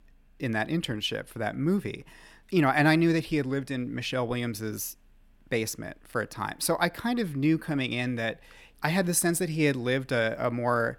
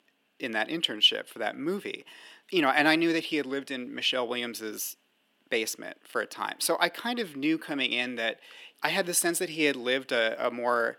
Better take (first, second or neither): first